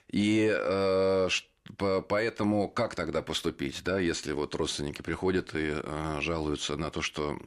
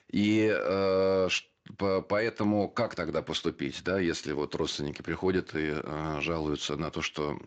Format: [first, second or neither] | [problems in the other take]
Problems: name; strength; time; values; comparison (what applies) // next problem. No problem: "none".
first | garbled, watery; slightly; nothing above 7.5 kHz